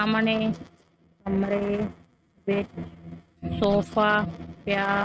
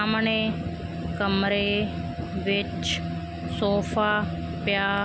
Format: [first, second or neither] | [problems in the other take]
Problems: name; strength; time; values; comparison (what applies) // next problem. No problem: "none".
second | noise reduction (neural mask model RNNoise)